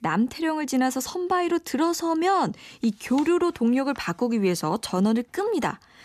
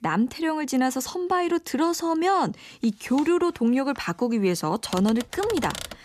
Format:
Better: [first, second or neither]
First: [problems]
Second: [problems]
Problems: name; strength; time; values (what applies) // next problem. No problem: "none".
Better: first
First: none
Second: keyboard typing; noticeable; from 5 s on; peak 9 dB below the speech